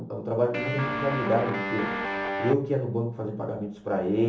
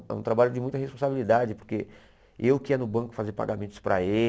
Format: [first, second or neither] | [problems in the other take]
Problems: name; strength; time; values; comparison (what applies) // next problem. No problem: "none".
second | background sound (Guitar); 2 dB below the speech // room echo; dies away in 1.2 s